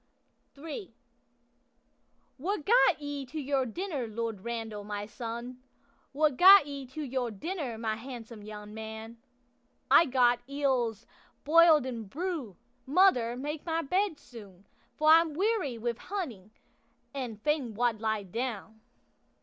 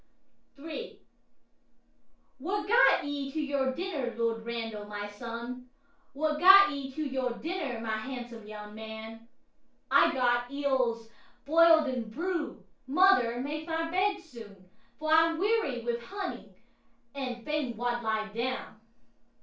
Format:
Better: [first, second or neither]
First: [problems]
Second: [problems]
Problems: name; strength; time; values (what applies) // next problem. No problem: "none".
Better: first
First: none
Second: room echo; dies away in 0.3 s